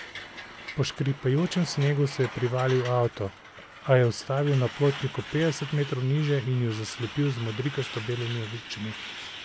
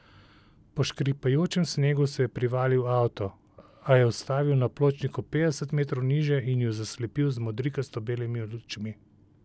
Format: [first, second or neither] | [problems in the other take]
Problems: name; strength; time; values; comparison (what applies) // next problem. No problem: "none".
second | background sound (Truck); 14 dB below the speech